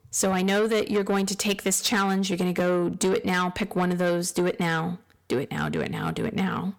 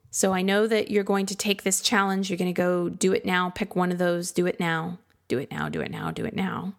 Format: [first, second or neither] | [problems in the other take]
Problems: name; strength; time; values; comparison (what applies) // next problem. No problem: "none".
second | distortion; slight; 10 dB below the speech